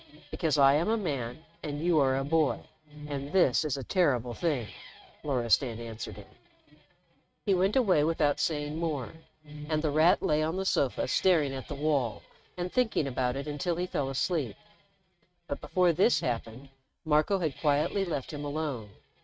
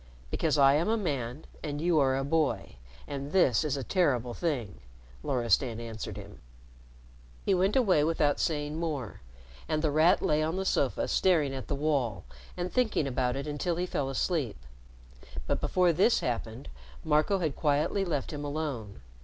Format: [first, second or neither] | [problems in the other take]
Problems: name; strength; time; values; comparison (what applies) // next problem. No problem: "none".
second | noise reduction (neural mask model RNNoise)